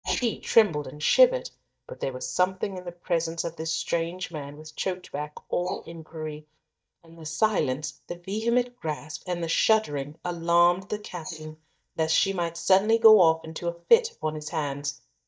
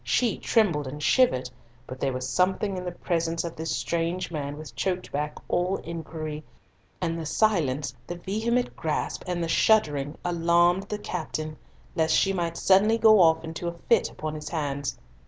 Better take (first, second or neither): second